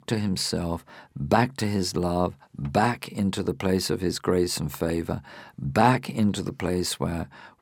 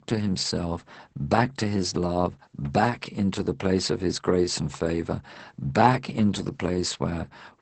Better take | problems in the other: first | garbled, watery; badly; nothing above 8 kHz

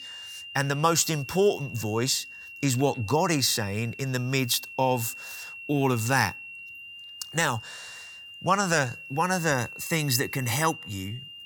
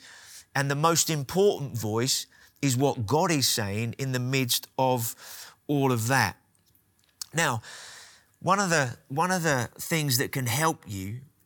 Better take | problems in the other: second | high-pitched whine; noticeable; throughout; 2.5 kHz, 15 dB below the speech

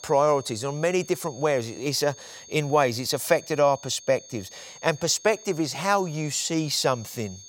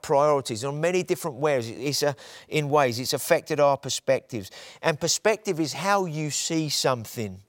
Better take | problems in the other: second | high-pitched whine; noticeable; throughout; 6.5 kHz, 20 dB below the speech

